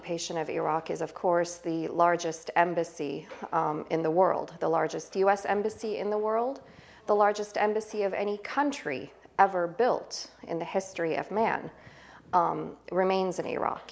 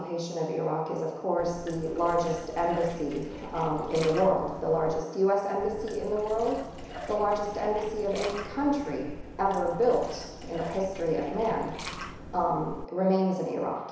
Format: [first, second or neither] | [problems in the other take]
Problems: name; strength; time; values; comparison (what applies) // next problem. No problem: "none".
first | background sound (Liquid); 12 dB below the speech // room echo; dies away in 1 s